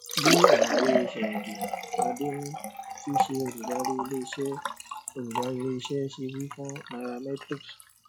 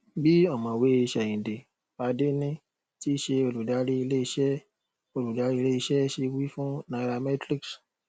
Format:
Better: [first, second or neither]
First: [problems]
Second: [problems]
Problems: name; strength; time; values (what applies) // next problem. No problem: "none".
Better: second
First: noise reduction (classical method log-MMSE)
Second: none